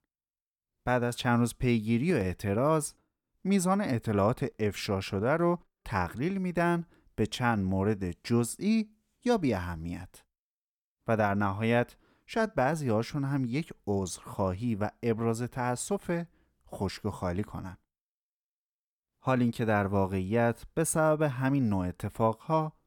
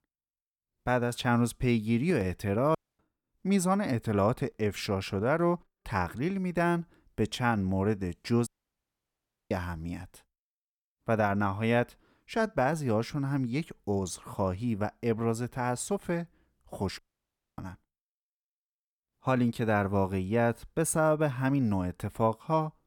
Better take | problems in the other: first | audio cutting out; at 3 s, at 8.5 s for 1 s and at 17 s for 0.5 s

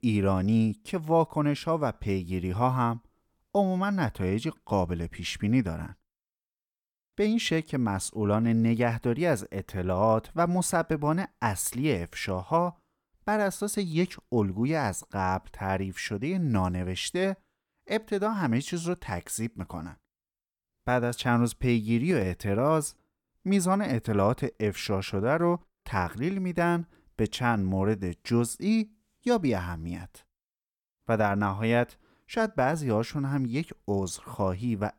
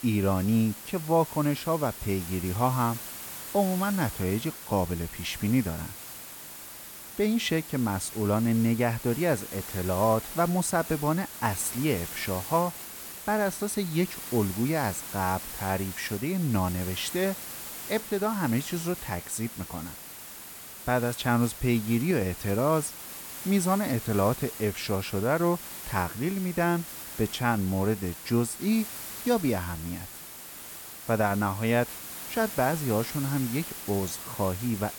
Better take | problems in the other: first | hiss; loud; throughout; 10 dB below the speech

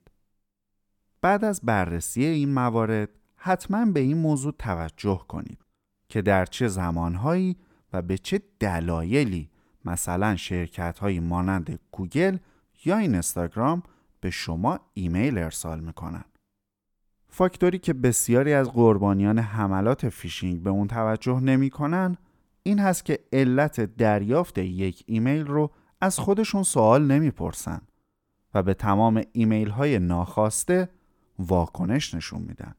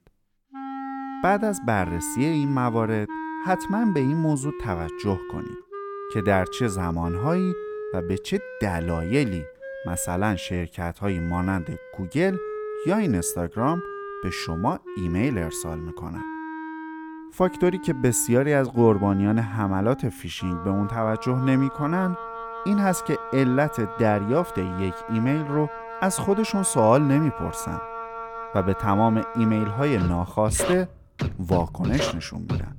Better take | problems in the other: first | background music; noticeable; throughout; 10 dB below the speech

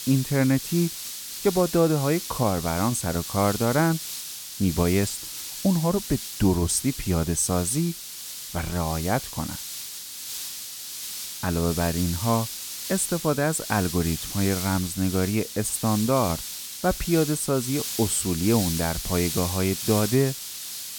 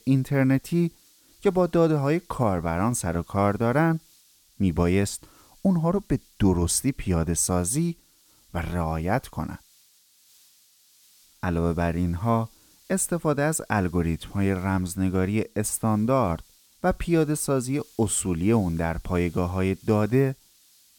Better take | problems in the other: second | hiss; loud; throughout; 7 dB below the speech; faint in the second

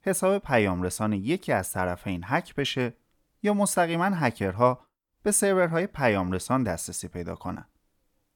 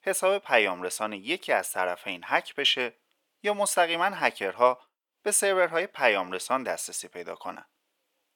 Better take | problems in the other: first | thin; very; fading below 500 Hz

